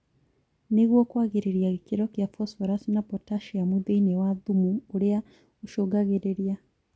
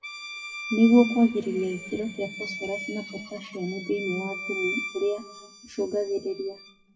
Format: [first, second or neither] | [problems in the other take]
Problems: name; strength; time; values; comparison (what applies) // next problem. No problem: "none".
first | noise reduction (classical method WPE with log-MMSE)